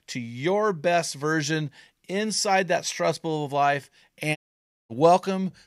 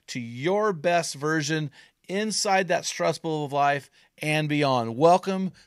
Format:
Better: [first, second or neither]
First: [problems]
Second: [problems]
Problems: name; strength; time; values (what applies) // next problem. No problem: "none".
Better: second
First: audio cutting out; at 4.5 s for 0.5 s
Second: none